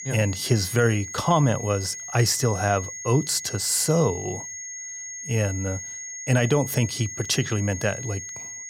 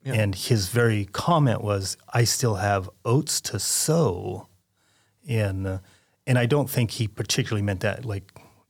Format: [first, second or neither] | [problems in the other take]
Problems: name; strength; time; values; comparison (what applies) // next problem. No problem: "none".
second | high-pitched whine; loud; throughout; 6.5 kHz, 9 dB below the speech